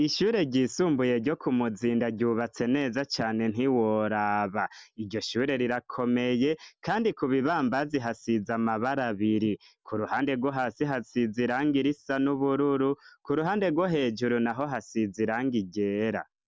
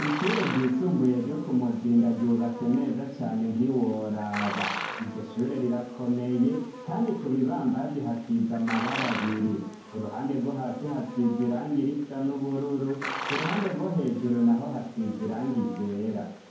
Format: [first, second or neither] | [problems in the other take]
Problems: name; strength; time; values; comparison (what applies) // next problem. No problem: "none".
first | background sound (Livestock, farm animals, working animals); 11 dB below the speech // room echo; dies away in 0.9 s